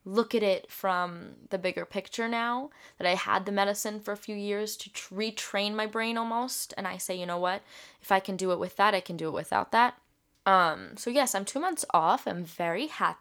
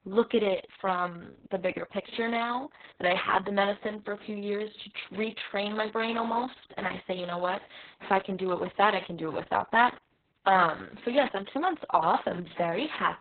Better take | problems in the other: first | garbled, watery; badly; nothing above 4 kHz

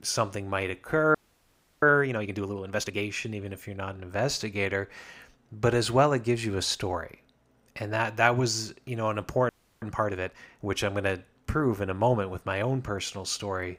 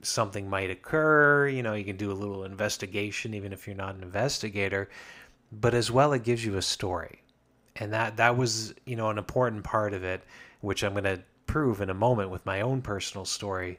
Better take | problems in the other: second | audio freezing; at 1 s for 0.5 s and at 9.5 s

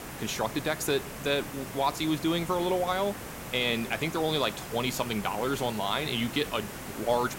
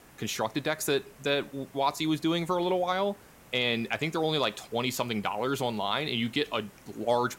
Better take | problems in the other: second | hiss; loud; throughout; 10 dB below the speech; faint in the second

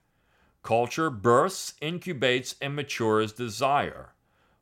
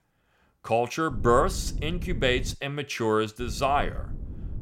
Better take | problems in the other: first | low rumble; faint; from 1 to 2.5 s and from 3.5 s on; 25 dB below the speech

